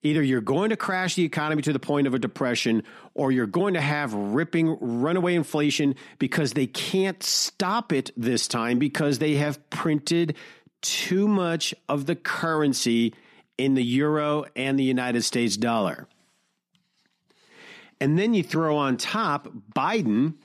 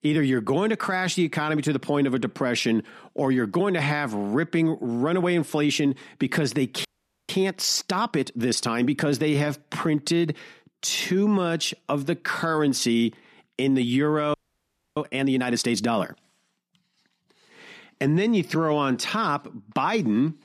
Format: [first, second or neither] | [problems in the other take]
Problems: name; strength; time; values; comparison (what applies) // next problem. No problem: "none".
first | audio freezing; at 7 s and at 14 s for 0.5 s